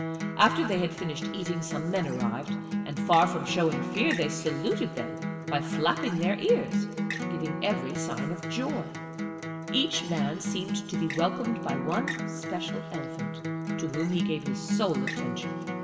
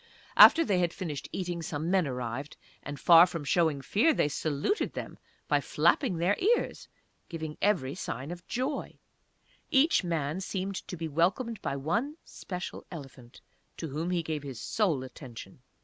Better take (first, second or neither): second